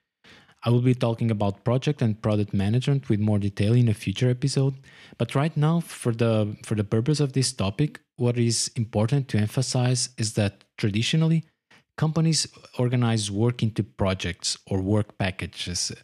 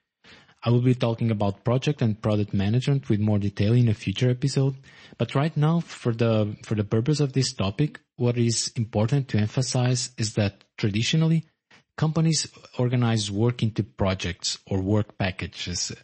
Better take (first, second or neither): first